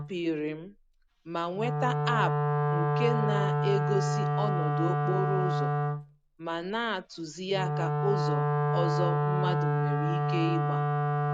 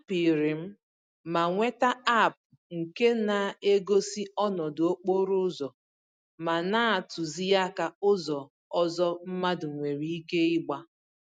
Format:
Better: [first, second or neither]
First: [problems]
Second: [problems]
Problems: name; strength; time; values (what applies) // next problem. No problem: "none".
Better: second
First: background sound (Wind instrument, woodwind instrument); 5 dB above the speech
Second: none